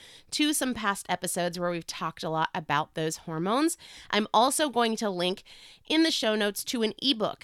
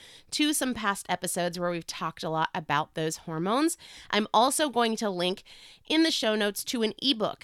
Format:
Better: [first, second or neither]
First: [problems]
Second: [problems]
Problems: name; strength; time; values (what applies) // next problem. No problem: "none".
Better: neither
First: none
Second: none